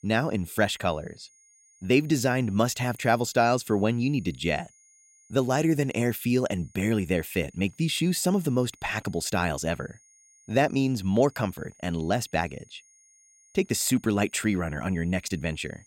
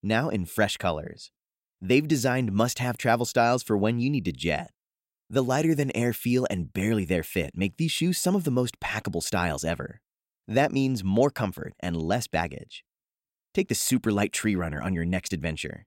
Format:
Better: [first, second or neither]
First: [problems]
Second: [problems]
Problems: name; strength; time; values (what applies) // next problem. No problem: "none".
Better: second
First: high-pitched whine; faint; throughout; 6.5 kHz, 30 dB below the speech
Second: none